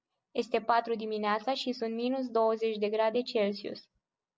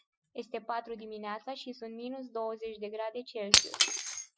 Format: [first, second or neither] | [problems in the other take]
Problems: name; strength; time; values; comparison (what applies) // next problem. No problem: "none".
first | noise reduction (classical method Wiener filter)